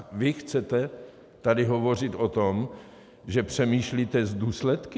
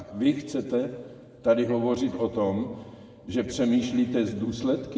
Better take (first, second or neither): first